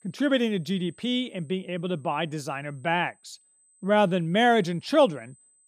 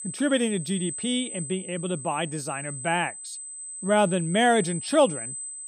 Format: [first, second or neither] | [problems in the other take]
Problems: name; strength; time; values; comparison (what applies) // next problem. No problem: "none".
first | high-pitched whine; loud; throughout; 8 kHz, 8 dB below the speech; faint in the first